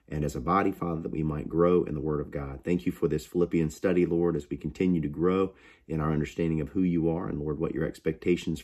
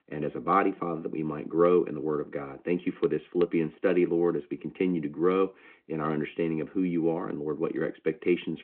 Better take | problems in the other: first | phone-call audio

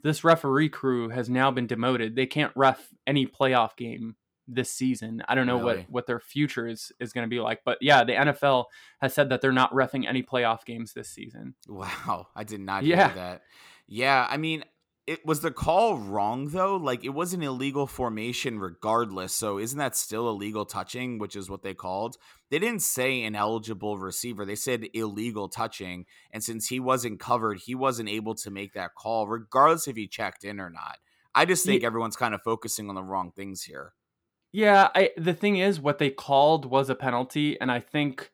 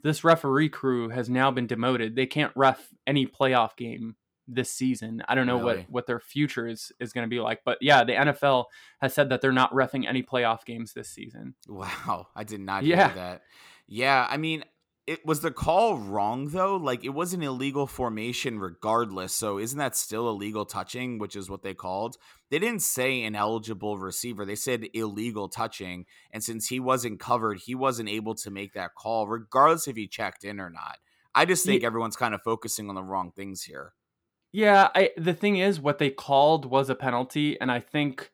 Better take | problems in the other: neither | none

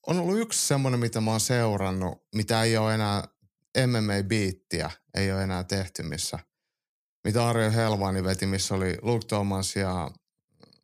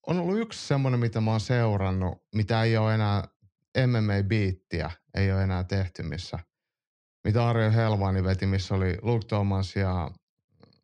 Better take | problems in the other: first | muffled; slightly; fading above 4 kHz

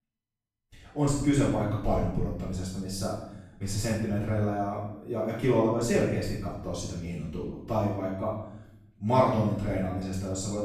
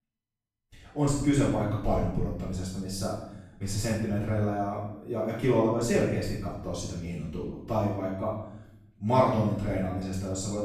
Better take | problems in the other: neither | room echo; noticeable; dies away in 0.9 s; the same in both // off-mic speech; far; the same in both

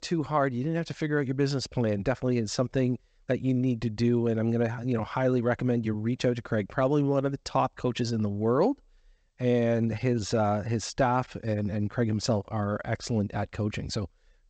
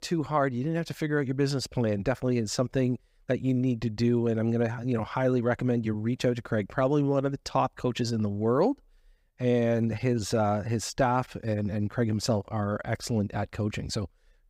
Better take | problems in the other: second | garbled, watery; slightly; nothing above 8 kHz

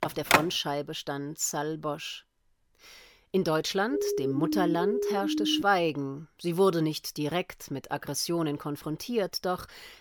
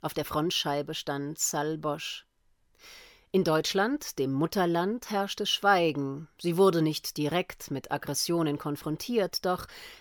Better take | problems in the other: second | phone ringing; loud; at the start; peak 6 dB above the speech // siren; loud; from 4 to 5.5 s; peak level with the speech

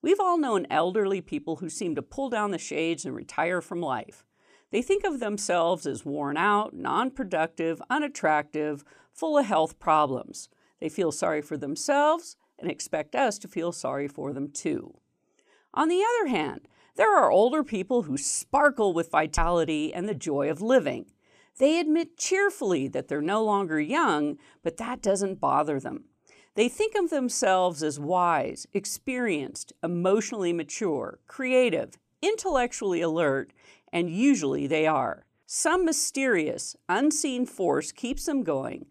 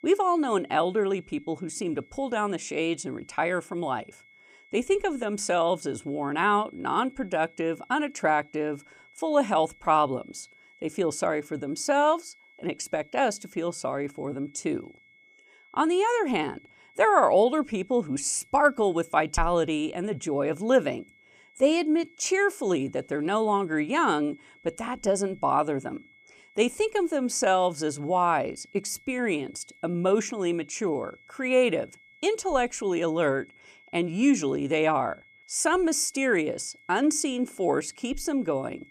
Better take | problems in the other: first | high-pitched whine; faint; throughout; 2 kHz, 30 dB below the speech

